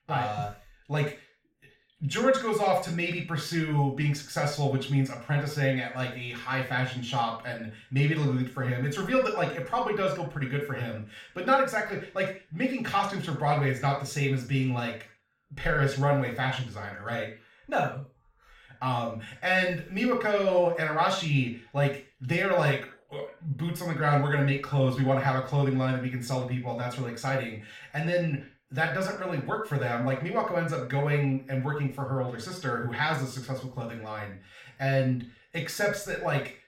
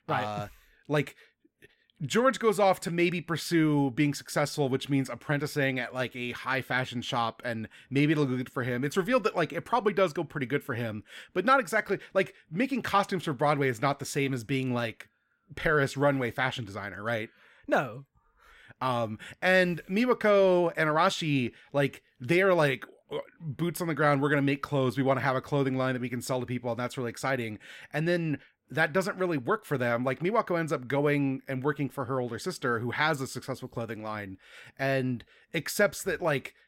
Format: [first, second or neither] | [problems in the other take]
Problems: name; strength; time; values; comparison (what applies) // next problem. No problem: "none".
second | room echo; noticeable; dies away in 0.4 s // off-mic speech; far